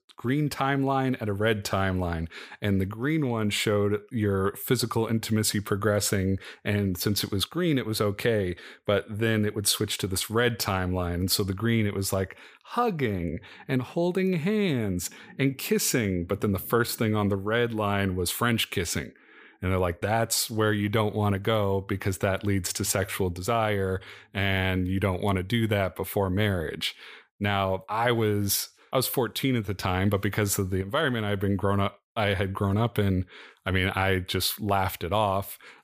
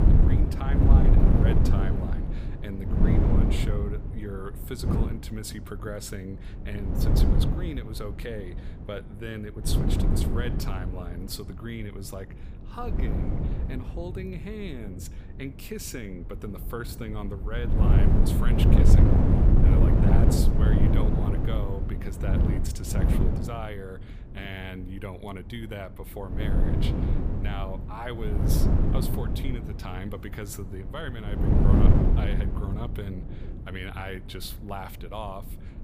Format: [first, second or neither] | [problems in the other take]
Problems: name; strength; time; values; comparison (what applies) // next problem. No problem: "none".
first | wind noise on the microphone; heavy; 4 dB above the speech